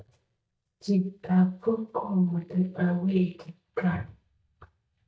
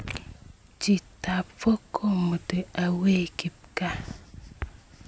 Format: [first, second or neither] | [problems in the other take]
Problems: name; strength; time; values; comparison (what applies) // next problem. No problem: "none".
second | noise reduction (neural mask model DeepFilterNet 3)